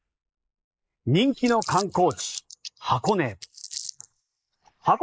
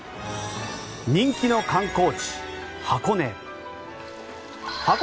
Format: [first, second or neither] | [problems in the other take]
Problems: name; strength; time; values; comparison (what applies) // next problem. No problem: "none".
second | noise reduction (neural mask model Resemble Enhance denoiser)